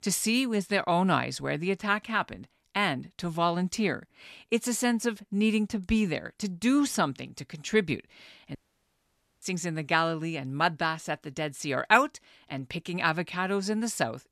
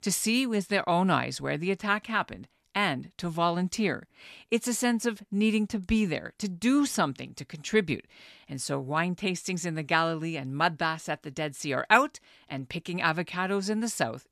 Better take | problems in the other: second | audio cutting out; at 8.5 s for 1 s

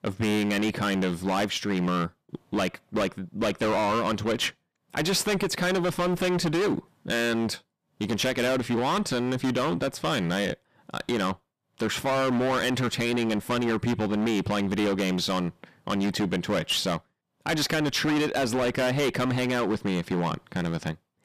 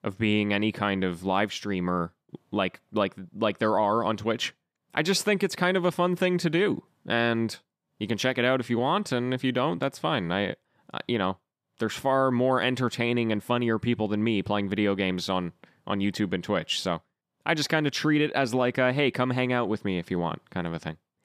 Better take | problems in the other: second | distortion; heavy; 21% of the sound clipped

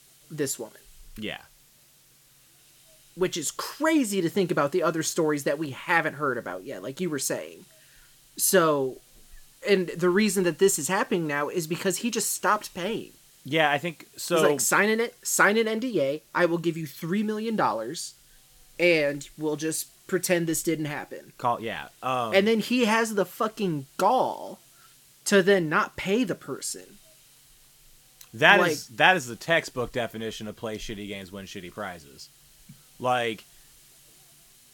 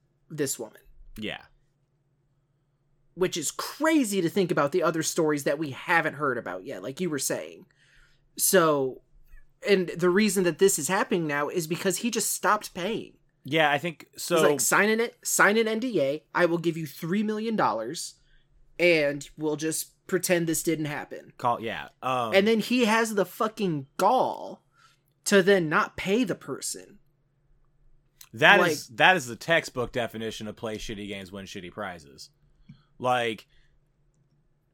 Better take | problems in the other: second | hiss; faint; throughout; 30 dB below the speech

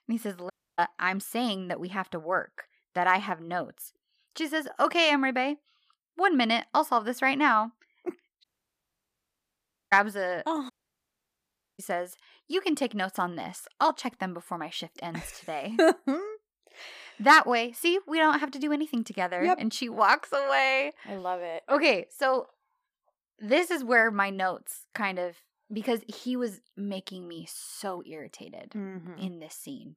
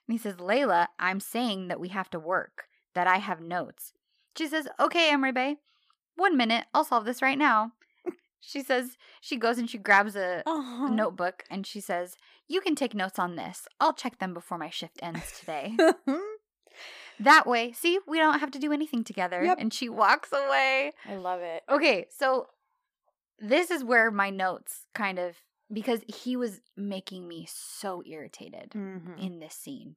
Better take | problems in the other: second | audio cutting out; at 0.5 s, at 8.5 s for 1.5 s and at 11 s for 1 s

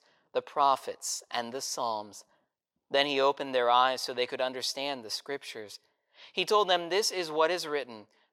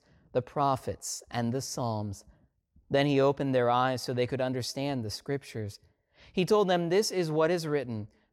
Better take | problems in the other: second | thin; somewhat; fading below 500 Hz

